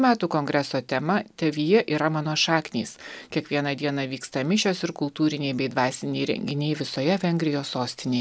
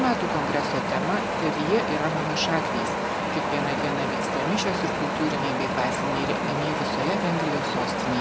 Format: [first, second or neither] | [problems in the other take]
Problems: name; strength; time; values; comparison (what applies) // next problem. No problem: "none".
first | background sound (Wind); 2 dB above the speech